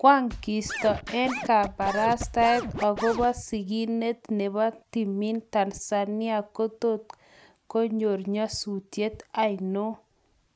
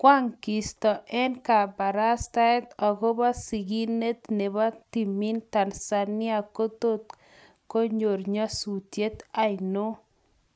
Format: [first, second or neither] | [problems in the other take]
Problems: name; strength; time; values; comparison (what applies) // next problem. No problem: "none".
second | background sound (Scratching (performance technique)); 8 dB below the speech